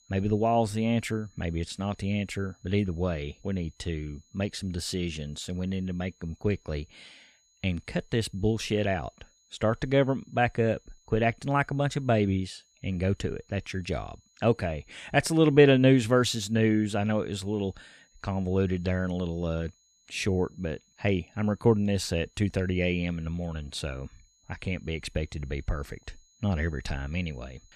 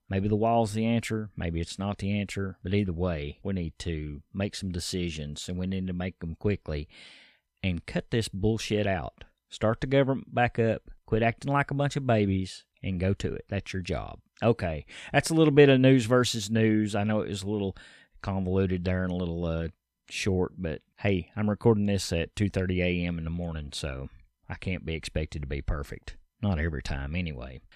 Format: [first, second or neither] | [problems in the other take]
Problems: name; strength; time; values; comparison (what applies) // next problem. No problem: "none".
second | high-pitched whine; faint; throughout; 6.5 kHz, 35 dB below the speech